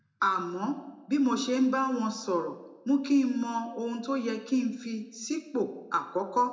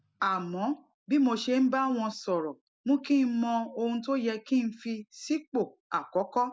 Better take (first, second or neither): second